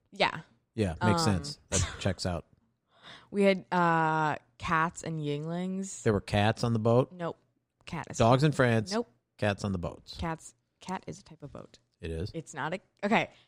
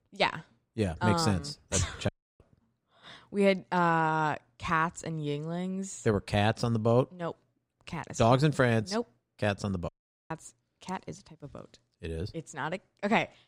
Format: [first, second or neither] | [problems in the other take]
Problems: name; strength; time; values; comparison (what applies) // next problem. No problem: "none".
first | audio cutting out; at 2 s and at 10 s